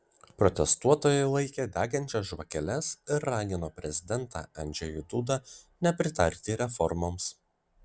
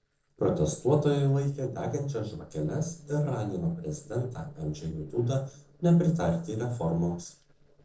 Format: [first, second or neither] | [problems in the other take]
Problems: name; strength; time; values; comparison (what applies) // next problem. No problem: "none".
first | noise reduction (neural separator model SepFormer DNS4)